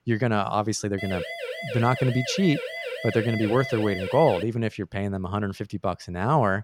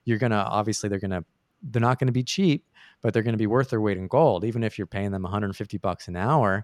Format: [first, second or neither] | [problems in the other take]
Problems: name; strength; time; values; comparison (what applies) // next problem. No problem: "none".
second | siren; noticeable; from 1 to 4.5 s; peak 6 dB below the speech